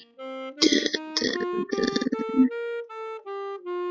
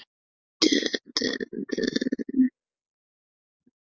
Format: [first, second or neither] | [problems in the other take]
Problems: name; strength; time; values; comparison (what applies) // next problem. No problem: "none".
second | noise reduction (classical method log-MMSE)